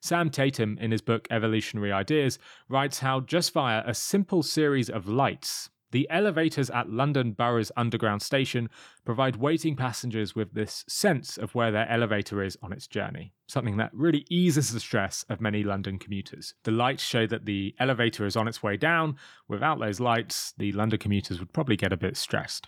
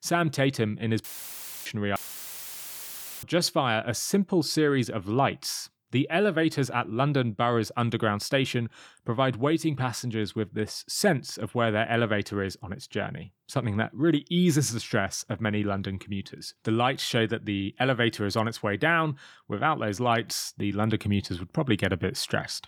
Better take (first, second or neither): first